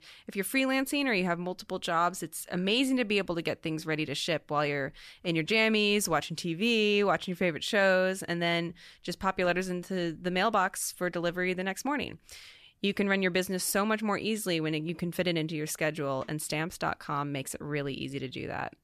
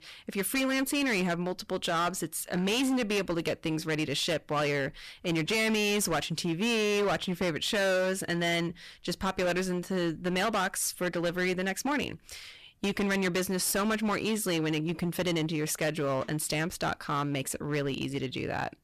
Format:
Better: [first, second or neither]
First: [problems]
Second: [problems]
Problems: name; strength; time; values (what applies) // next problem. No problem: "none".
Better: first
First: none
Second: distortion; heavy; 16% of the sound clipped